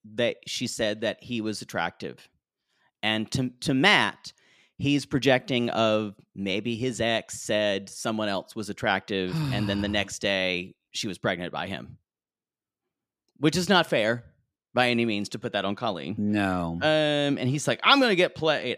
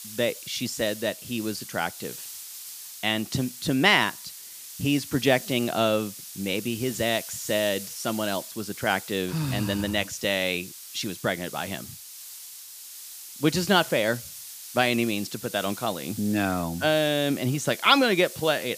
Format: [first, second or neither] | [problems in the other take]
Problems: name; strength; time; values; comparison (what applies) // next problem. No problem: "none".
first | hiss; noticeable; throughout; 10 dB below the speech